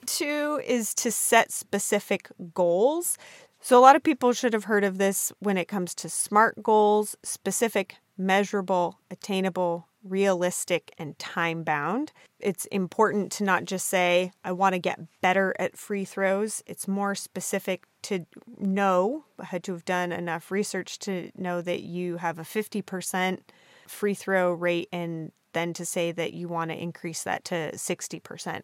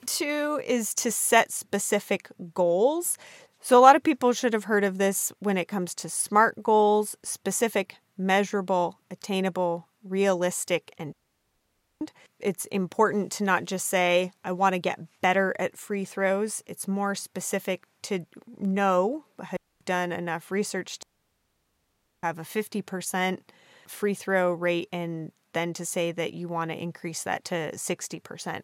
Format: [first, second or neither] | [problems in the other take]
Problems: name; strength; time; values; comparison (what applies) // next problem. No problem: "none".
first | audio cutting out; at 11 s for 1 s, at 20 s and at 21 s for 1 s